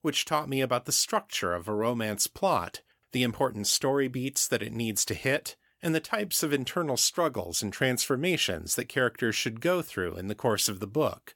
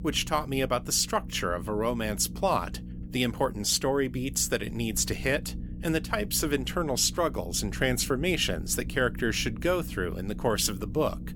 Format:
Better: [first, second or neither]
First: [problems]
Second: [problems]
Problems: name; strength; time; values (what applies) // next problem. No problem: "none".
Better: first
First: none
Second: low rumble; faint; throughout; 20 dB below the speech